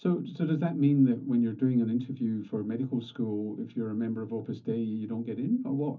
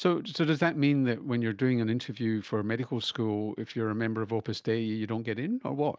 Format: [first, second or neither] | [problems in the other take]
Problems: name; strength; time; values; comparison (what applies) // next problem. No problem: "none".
second | room echo; dies away in 0.3 s